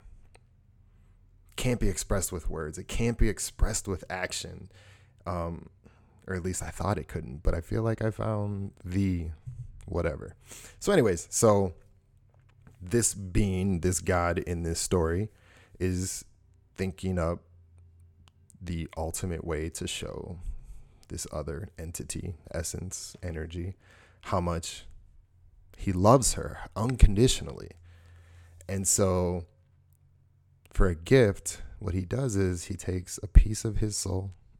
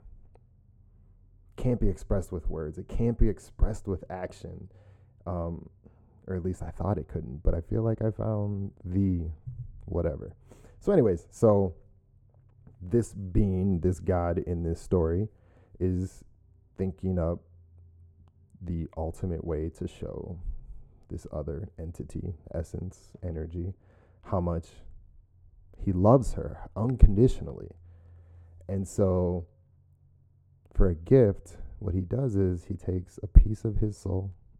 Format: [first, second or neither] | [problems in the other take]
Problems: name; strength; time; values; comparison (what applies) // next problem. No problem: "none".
first | muffled; very; fading above 1.5 kHz